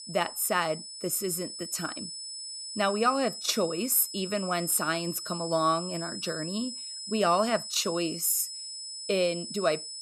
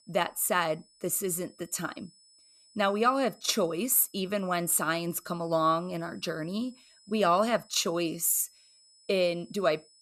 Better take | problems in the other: second | high-pitched whine; loud; throughout; 5 kHz, 8 dB below the speech; faint in the second

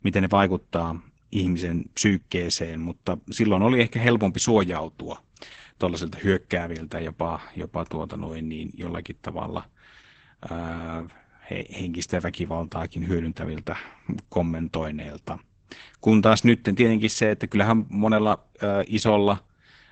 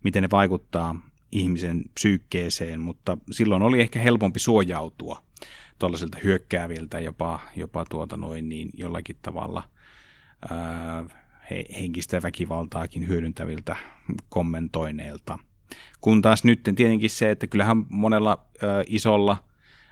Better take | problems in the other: second | garbled, watery; badly; nothing above 7.5 kHz; slightly in the second

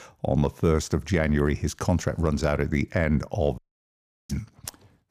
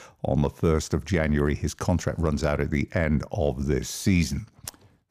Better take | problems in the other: second | audio cutting out; at 3.5 s for 0.5 s

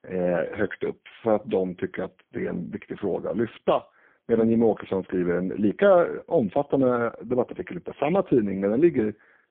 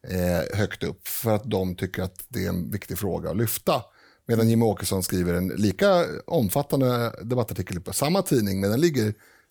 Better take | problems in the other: second | phone-call audio; poor line

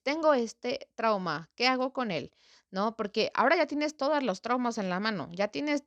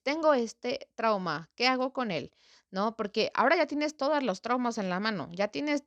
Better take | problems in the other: neither | none

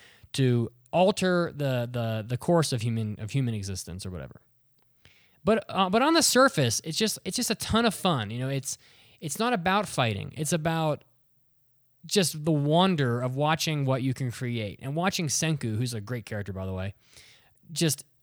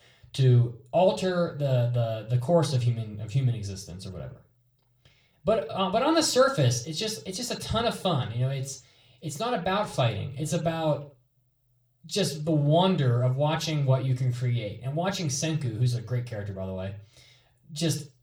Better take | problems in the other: first | room echo; very slight; dies away in 0.3 s // off-mic speech; far

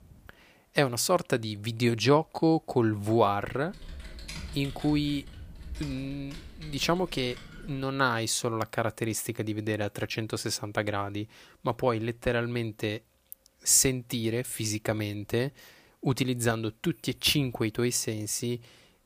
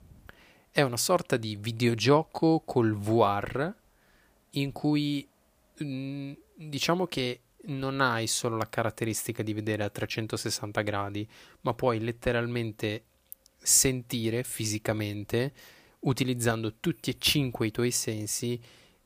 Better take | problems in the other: second | keyboard typing; faint; from 3.5 to 8 s; peak 10 dB below the speech

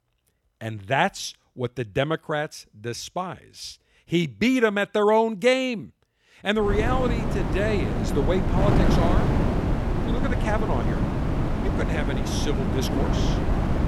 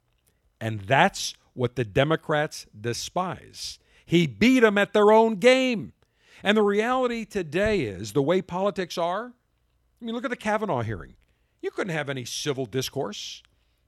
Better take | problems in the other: second | wind noise on the microphone; heavy; from 6.5 s on; 4 dB below the speech

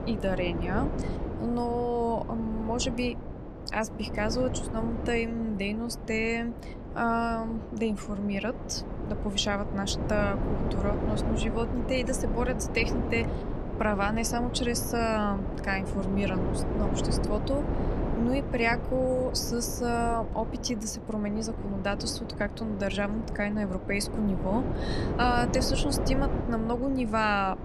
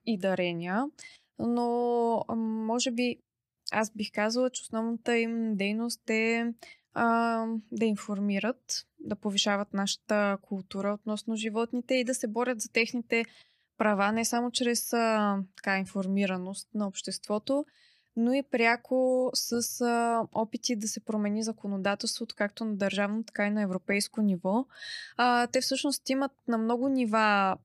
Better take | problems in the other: second | wind noise on the microphone; heavy; 7 dB below the speech

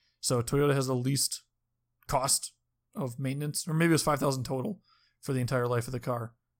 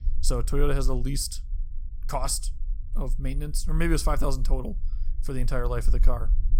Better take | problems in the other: first | low rumble; faint; throughout; 25 dB below the speech

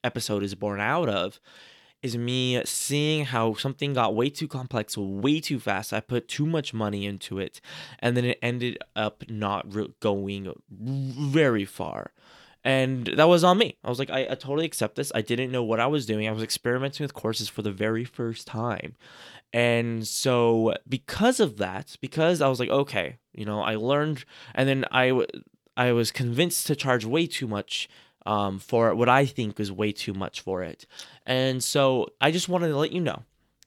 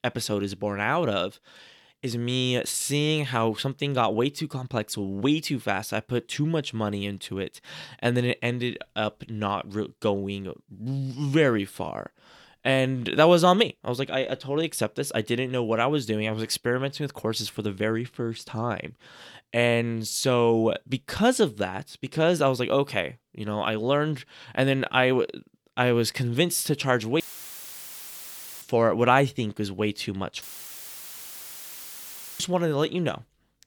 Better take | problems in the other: first | audio cutting out; filled with static; at 27 s for 1.5 s and at 30 s for 2 s

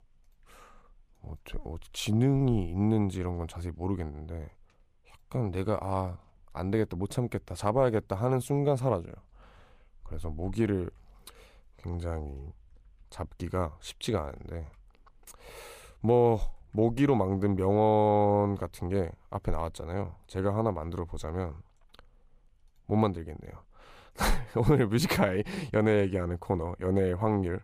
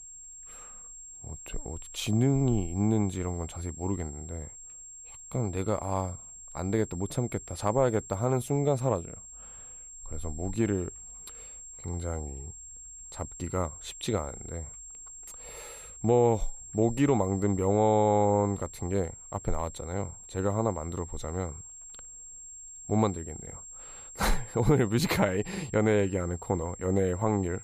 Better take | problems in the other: first | high-pitched whine; noticeable; throughout; 7.5 kHz, 15 dB below the speech

